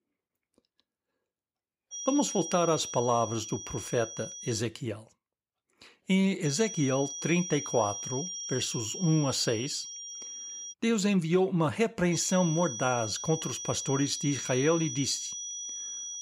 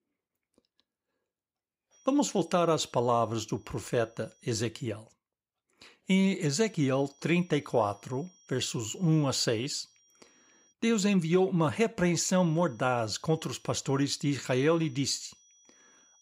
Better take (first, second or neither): second